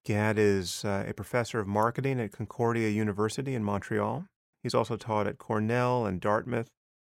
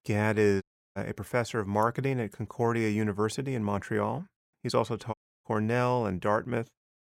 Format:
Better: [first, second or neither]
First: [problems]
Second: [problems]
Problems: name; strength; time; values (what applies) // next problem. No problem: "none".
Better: first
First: none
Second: audio cutting out; at 0.5 s and at 5 s